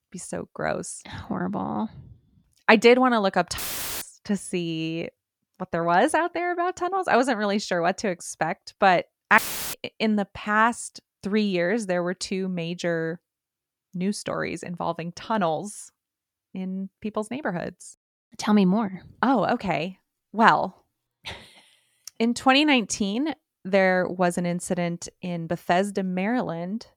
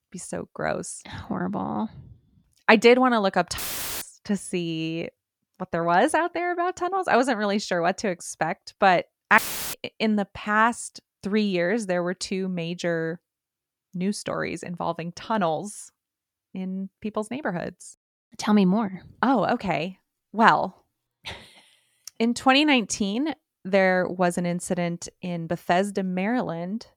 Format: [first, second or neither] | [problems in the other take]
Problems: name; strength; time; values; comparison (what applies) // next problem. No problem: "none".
neither | audio cutting out; filled with static; at 3.5 s and at 9.5 s; the same in both